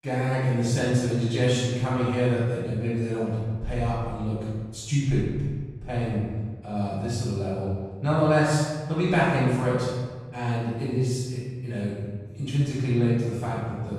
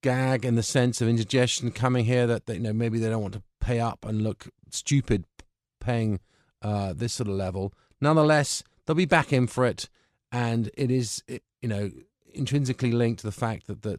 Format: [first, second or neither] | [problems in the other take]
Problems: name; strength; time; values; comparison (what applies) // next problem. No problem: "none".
second | room echo; strong; dies away in 1.5 s // off-mic speech; far